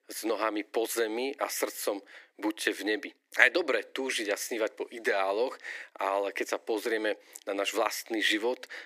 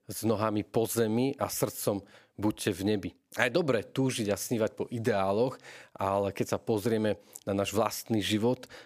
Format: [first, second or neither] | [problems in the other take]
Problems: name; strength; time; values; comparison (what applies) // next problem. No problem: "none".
second | thin; very; fading below 300 Hz